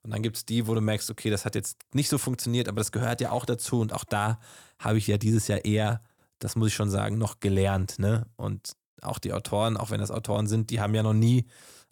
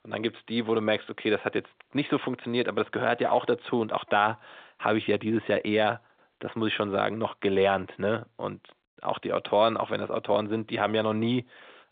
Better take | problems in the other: first | phone-call audio; nothing above 3.5 kHz

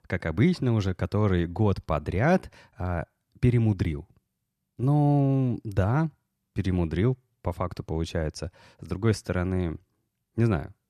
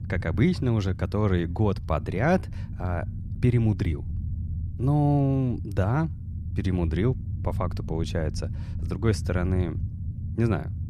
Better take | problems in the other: first | low rumble; noticeable; throughout; 15 dB below the speech

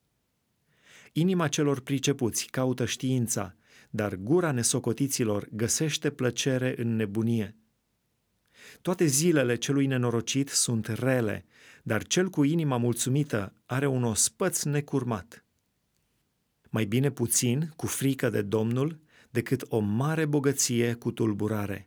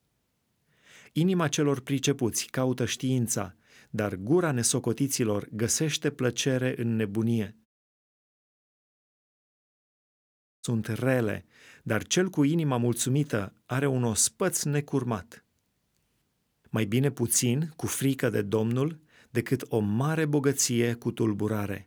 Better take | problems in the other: first | audio cutting out; at 7.5 s for 3 s

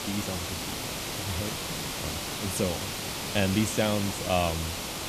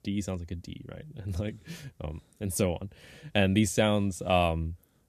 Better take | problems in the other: second | hiss; loud; throughout; 2 dB below the speech

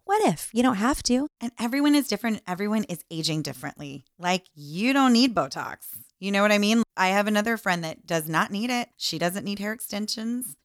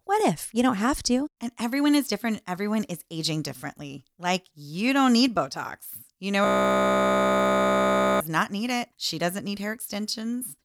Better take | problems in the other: first | audio freezing; at 6.5 s for 1.5 s

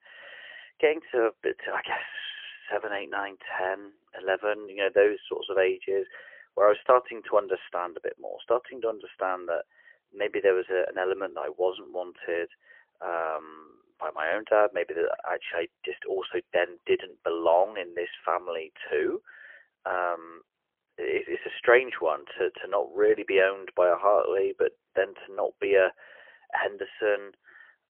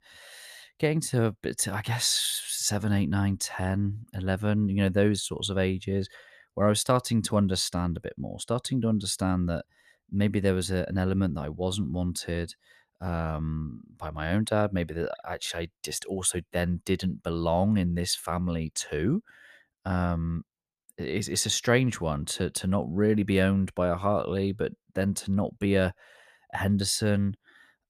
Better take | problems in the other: second | phone-call audio; poor line; nothing above 3 kHz

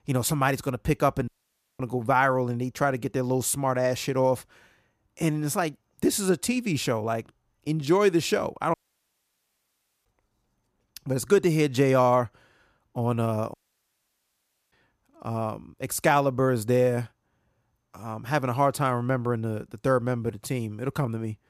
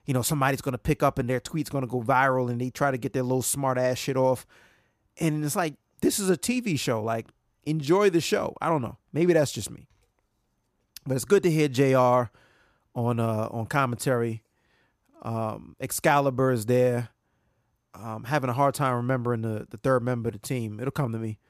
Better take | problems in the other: second | audio cutting out; at 1.5 s for 0.5 s, at 8.5 s for 1.5 s and at 14 s for 1 s

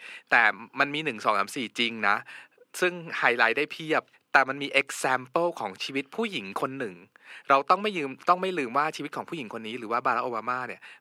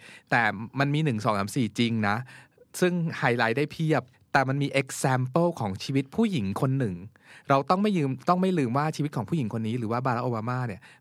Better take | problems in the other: second | thin; somewhat; fading below 400 Hz

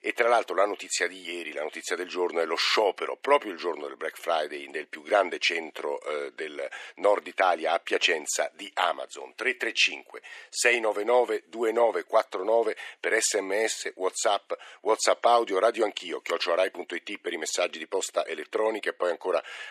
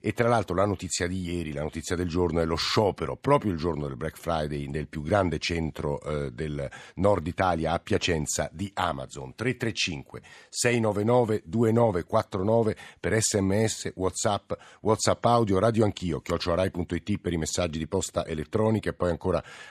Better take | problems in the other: second | thin; very; fading below 350 Hz

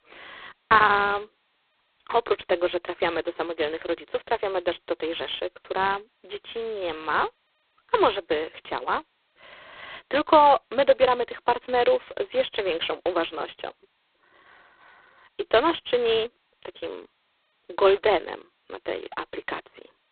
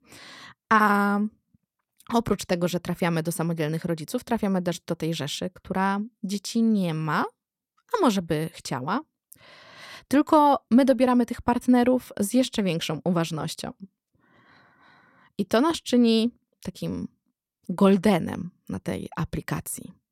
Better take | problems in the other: second | phone-call audio; poor line; nothing above 4 kHz

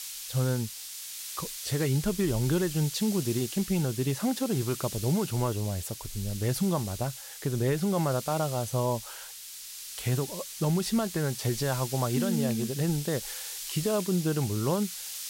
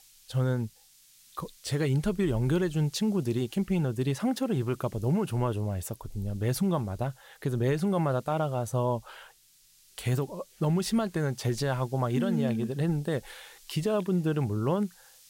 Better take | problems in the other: second | hiss; loud; throughout; 8 dB below the speech; faint in the second

